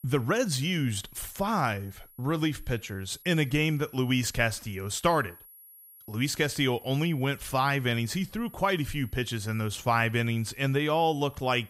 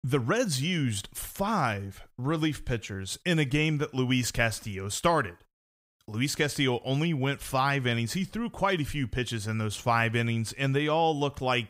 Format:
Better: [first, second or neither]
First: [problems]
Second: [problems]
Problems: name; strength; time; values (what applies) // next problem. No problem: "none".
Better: second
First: high-pitched whine; faint; throughout; 11.5 kHz, 20 dB below the speech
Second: none